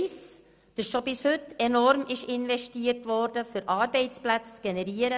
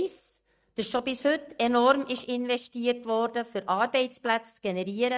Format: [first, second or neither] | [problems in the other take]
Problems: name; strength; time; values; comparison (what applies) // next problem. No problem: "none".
first | noise reduction (neural mask model DeepFilterNet 3)